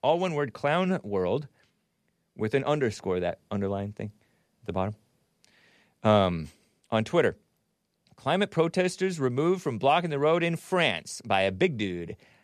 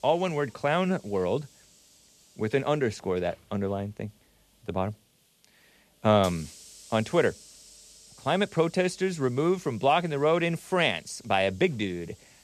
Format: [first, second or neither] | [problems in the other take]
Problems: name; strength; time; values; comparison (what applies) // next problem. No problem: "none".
first | hiss; faint; throughout; 25 dB below the speech